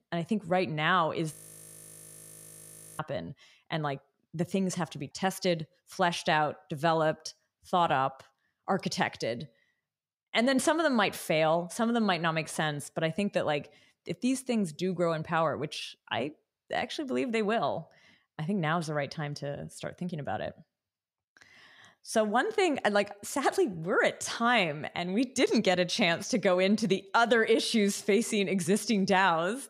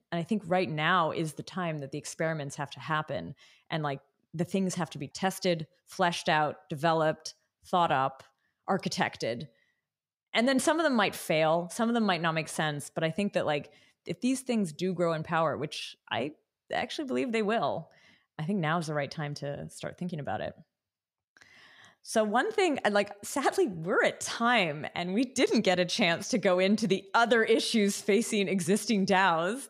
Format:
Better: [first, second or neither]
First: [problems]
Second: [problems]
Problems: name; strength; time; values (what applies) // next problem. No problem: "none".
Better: second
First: audio freezing; at 1.5 s for 1.5 s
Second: none